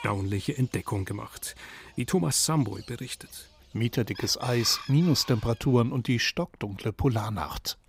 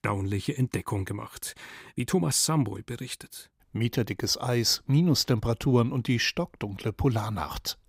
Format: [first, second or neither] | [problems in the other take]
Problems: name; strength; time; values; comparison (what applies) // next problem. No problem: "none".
second | animal sounds; noticeable; throughout; 20 dB below the speech